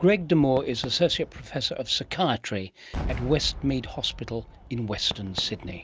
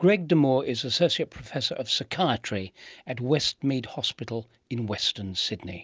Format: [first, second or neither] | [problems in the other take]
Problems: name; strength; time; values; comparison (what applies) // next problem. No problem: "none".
second | background sound (Cheering / Fireworks); 12 dB below the speech